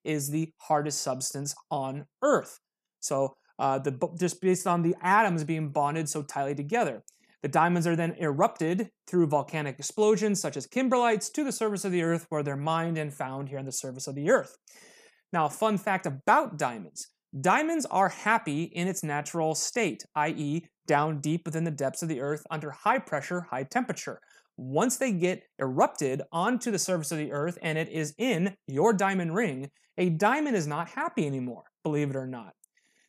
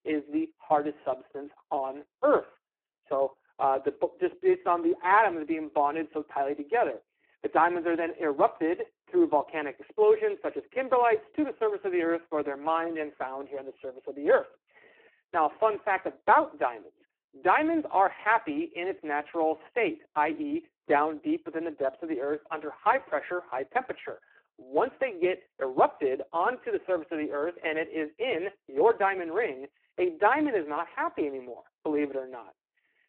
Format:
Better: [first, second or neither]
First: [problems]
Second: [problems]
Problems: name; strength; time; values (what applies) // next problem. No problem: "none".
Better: first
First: none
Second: phone-call audio; poor line